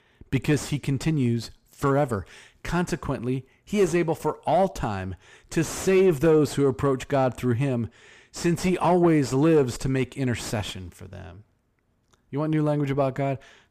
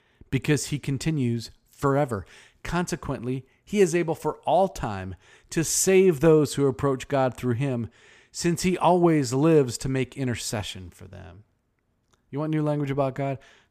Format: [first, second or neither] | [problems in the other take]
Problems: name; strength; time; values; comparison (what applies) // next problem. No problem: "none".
second | distortion; slight; 10 dB below the speech